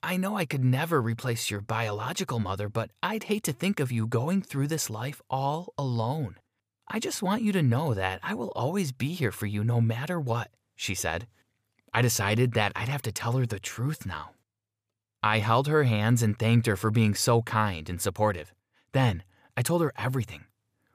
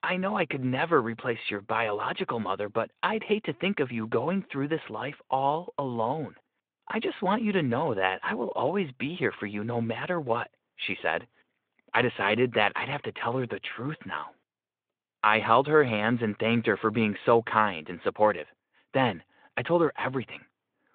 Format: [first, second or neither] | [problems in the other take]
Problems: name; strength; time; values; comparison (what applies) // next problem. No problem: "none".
first | phone-call audio